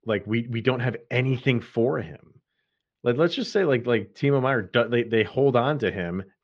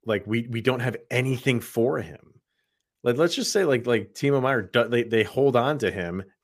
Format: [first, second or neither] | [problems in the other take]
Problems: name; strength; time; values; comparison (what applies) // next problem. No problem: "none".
second | muffled; slightly; fading above 4 kHz